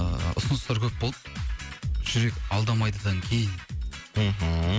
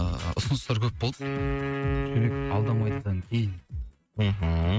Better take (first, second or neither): first